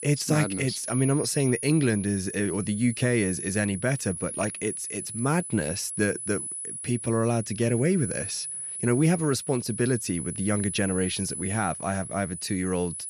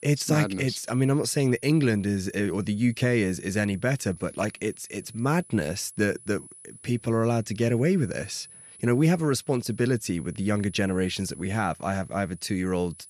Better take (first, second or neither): second